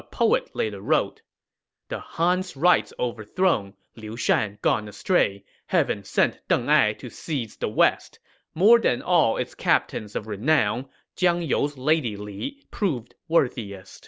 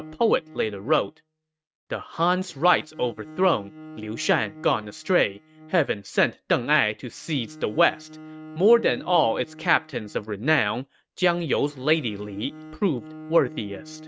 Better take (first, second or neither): first